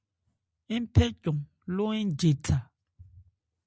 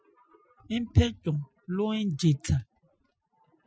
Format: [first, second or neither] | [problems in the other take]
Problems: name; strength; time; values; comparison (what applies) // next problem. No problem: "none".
first | noise reduction (classical method Wiener filter)